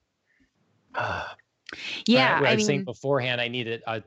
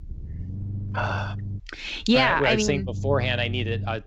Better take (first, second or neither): first